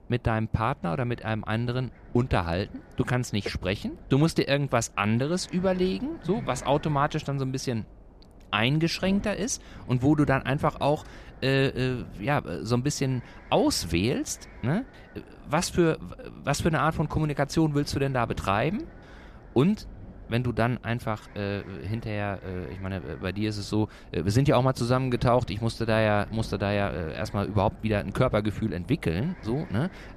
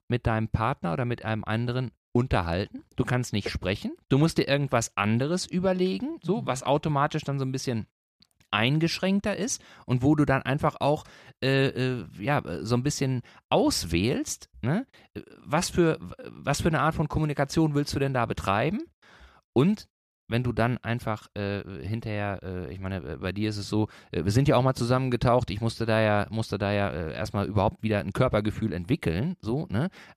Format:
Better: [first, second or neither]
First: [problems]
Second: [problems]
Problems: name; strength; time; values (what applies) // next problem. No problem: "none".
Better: second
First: wind noise on the microphone; occasional gusts; 20 dB below the speech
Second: none